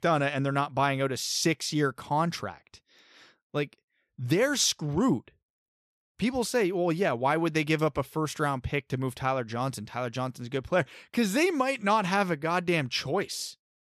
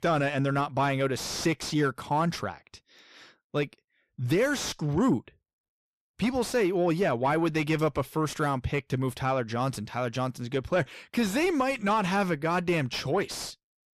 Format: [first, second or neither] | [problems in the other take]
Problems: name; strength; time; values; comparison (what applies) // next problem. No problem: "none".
first | distortion; slight; 10 dB below the speech